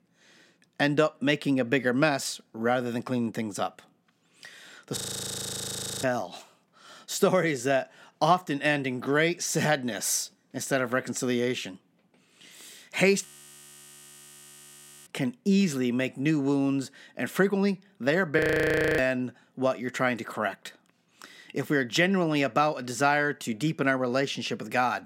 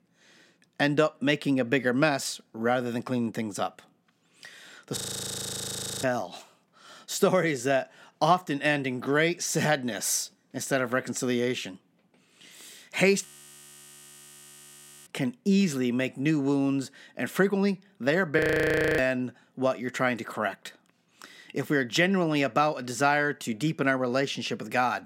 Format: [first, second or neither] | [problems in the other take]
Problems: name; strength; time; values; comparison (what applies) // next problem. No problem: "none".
neither | audio freezing; at 5 s for 1 s, at 13 s for 2 s and at 18 s for 0.5 s; the same in both